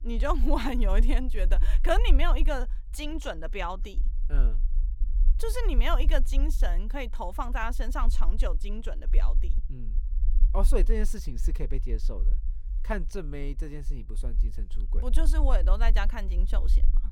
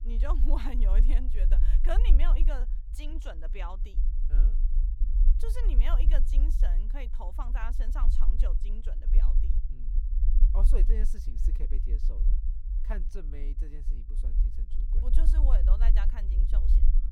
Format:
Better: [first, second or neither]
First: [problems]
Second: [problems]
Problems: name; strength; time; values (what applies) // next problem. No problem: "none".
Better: first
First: low rumble; faint; throughout; 20 dB below the speech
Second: low rumble; loud; throughout; 9 dB below the speech